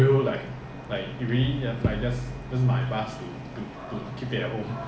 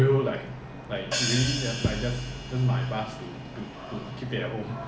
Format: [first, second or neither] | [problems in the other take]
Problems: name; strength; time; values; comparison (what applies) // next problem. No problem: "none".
first | background sound (Hi-hat); 7 dB below the speech